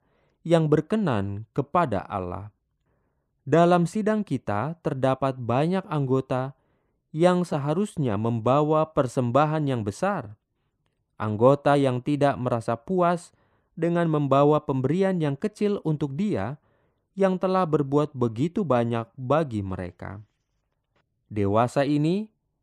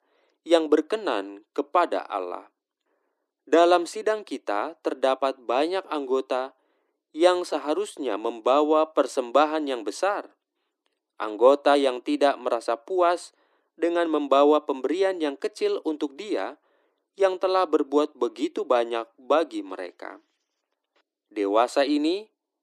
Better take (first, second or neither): first